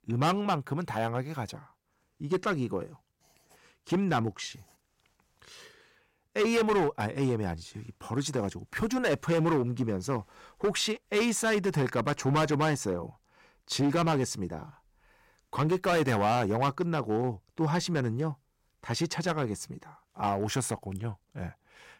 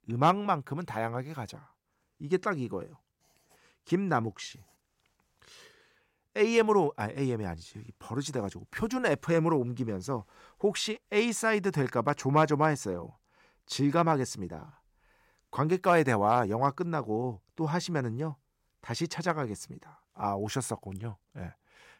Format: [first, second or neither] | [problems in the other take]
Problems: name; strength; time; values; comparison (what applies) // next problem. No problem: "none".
second | distortion; heavy; 7% of the sound clipped